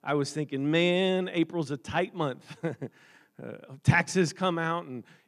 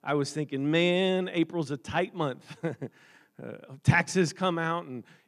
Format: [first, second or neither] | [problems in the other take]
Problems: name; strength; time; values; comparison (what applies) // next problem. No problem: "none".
neither | none